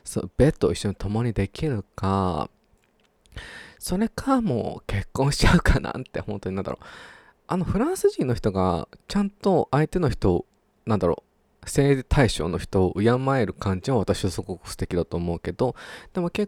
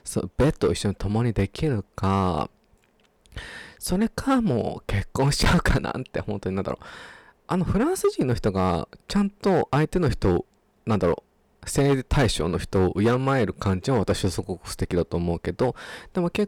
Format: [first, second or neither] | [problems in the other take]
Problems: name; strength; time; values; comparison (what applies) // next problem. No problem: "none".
first | distortion; slight; 5% of the sound clipped